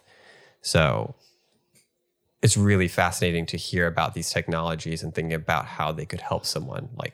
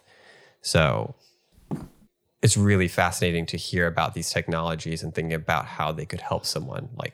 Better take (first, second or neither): first